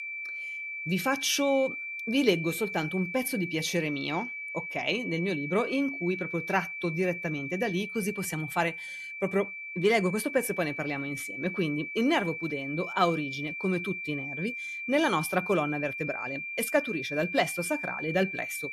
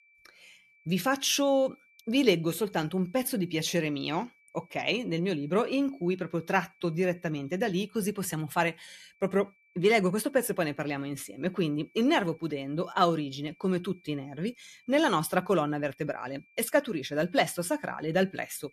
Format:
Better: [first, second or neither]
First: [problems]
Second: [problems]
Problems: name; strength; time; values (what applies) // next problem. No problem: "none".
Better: second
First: high-pitched whine; loud; throughout; 2.5 kHz, 5 dB below the speech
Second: high-pitched whine; faint; throughout; 2.5 kHz, 30 dB below the speech